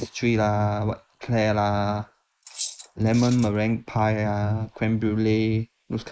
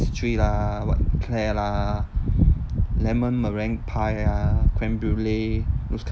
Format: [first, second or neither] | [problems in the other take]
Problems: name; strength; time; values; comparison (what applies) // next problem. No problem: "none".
second | noise reduction (neural mask model Resemble Enhance denoiser)